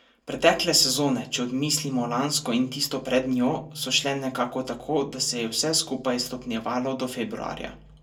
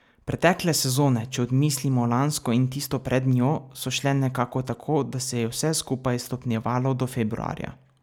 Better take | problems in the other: second | room echo; dies away in 0.2 s

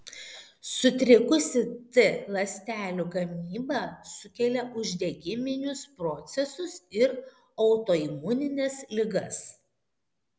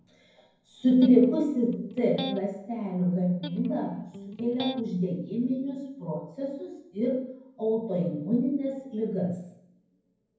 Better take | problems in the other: first | background sound (Electric guitar); 11 dB below the speech // room echo; dies away in 0.9 s

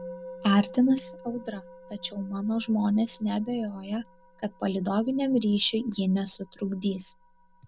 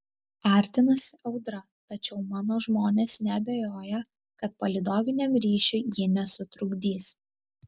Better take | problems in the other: second | background sound (Musical instrument); 19 dB below the speech

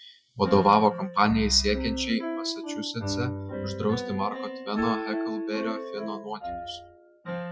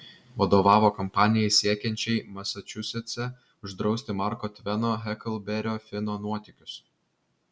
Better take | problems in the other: second | noise reduction (classical method Wiener filter)

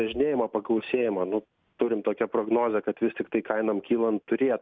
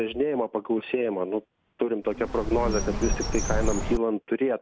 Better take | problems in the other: first | background sound (Bird); as loud as the speech

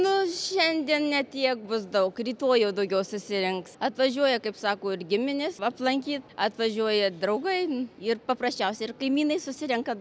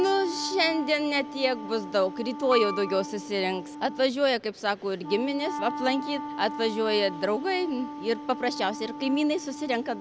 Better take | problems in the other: first | background sound (Wind instrument, woodwind instrument + Piano); 9 dB below the speech

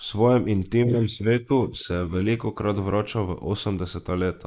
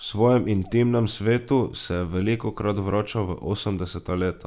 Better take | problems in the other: second | noise reduction (neural mask model Resemble Enhance denoiser)

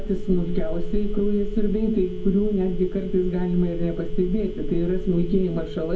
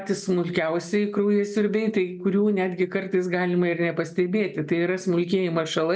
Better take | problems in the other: second | background sound (Telephone); 2 dB below the speech // room echo; dies away in 0.4 s

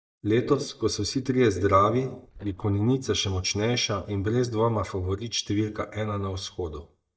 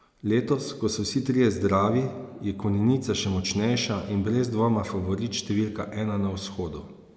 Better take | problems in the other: second | noise reduction (neural mask model DeepFilterNet 3)

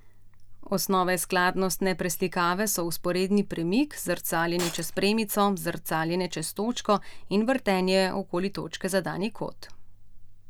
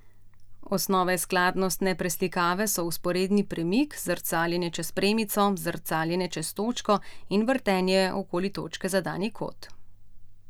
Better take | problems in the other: second | background sound (Shatter); 13 dB below the speech

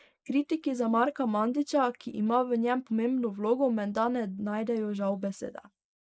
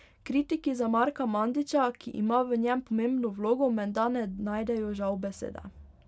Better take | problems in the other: second | noise reduction (neural mask model Resemble Enhance denoiser)

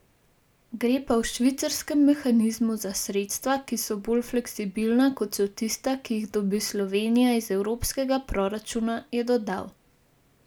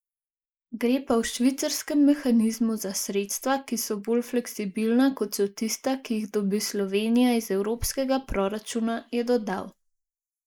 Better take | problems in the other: first | noise reduction (neural mask model Resemble Enhance denoiser)

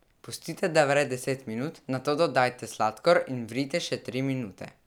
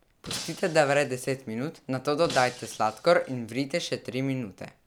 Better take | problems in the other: first | background sound (Shatter); 16 dB below the speech

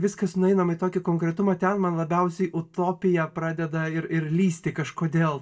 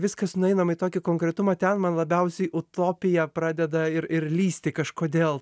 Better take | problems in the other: second | room echo; dies away in 0.2 s

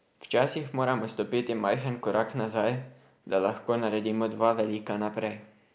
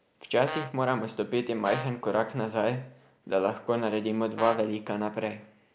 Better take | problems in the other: first | background sound (Brass instrument); 10 dB below the speech

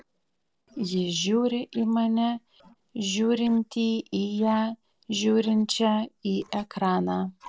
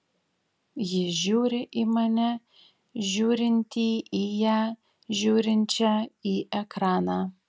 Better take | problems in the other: second | noise reduction (neural separator model SepFormer DNS4)

